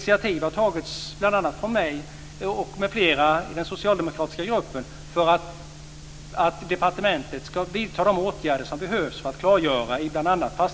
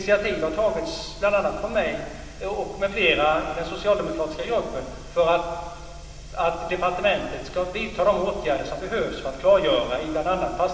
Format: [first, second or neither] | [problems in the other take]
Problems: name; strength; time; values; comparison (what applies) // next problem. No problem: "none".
first | room echo; dies away in 2.1 s